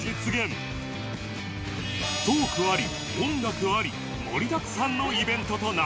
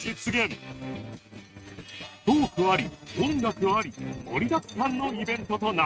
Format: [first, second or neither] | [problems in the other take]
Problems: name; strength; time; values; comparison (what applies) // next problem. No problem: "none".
first | noise reduction (neural mask model RNNoise)